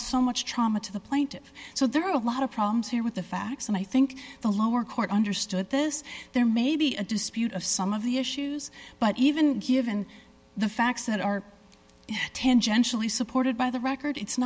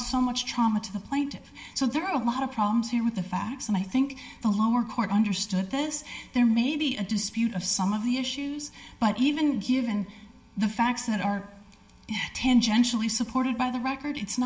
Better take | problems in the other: first | room echo; dies away in 0.8 s

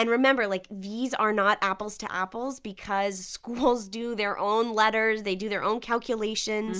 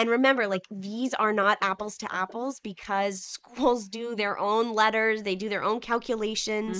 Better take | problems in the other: first | noise reduction (neural mask model Resemble Enhance denoiser)

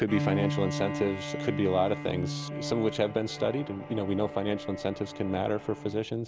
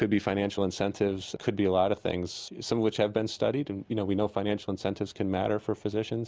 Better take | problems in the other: second | background sound (Bowed string instrument); 6 dB below the speech

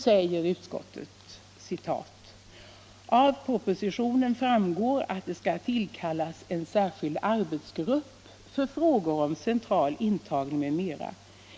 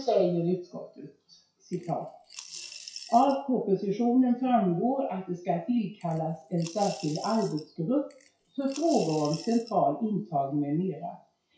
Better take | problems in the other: first | noise reduction (classical method WPE with log-MMSE)

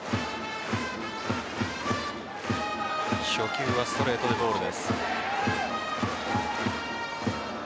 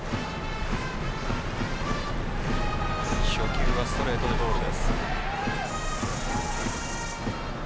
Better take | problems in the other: first | background sound (Bird vocalization, bird call, bird song); 3 dB above the speech

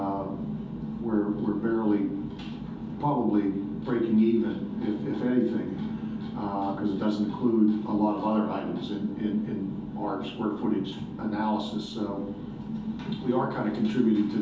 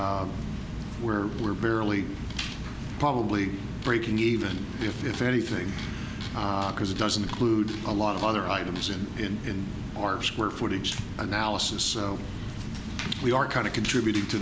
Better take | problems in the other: second | room echo; dies away in 0.5 s

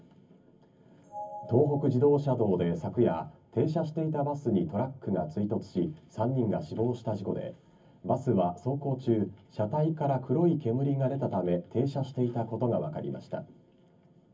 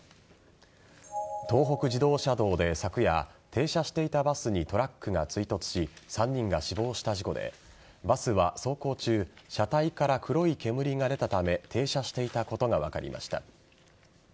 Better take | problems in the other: second | room echo; dies away in 0.3 s

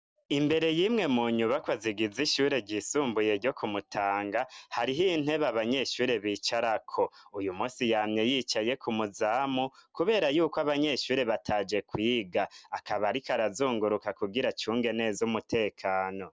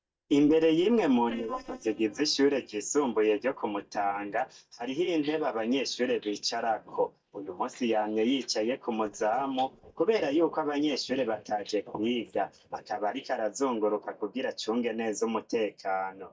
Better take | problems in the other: first | noise reduction (neural mask model DeepFilterNet 3)

